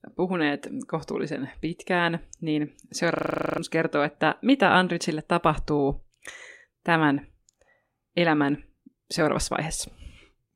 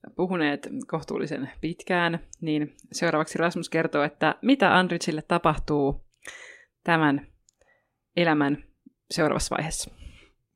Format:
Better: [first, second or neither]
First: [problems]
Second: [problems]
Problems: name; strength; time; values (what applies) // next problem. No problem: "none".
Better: second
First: audio freezing; at 3 s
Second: none